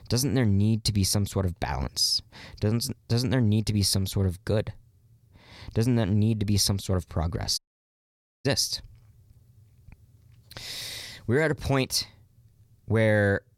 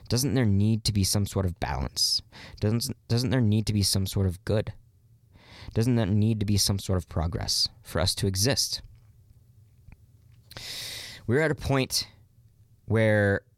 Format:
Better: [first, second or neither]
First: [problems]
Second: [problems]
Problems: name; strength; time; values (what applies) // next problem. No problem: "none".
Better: second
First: audio cutting out; at 7.5 s for 1 s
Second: none